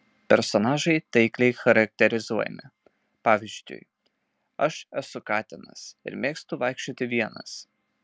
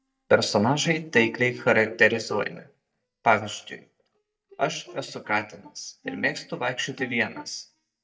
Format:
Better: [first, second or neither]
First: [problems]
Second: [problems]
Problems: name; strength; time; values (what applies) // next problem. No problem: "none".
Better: first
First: none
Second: noise reduction (neural mask model DeepFilterNet 3)